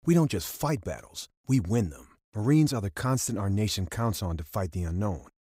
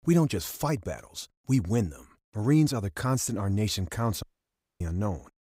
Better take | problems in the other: first | audio cutting out; at 4 s for 0.5 s

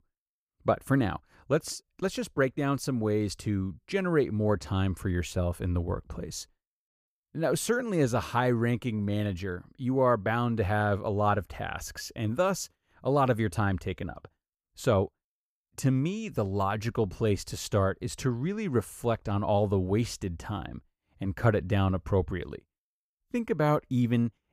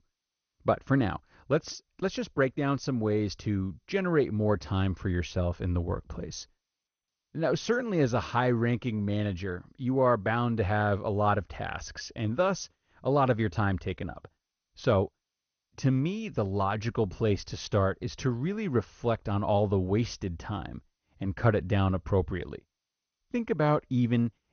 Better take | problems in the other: first | garbled, watery; slightly; nothing above 6.5 kHz

